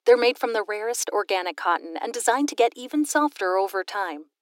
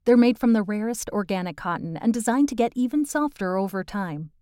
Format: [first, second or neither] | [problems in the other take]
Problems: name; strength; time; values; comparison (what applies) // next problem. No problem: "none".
second | thin; somewhat; fading below 300 Hz